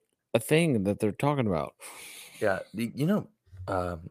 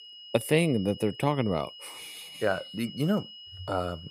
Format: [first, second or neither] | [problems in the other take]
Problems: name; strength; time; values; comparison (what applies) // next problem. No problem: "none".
first | high-pitched whine; noticeable; throughout; 3 kHz, 15 dB below the speech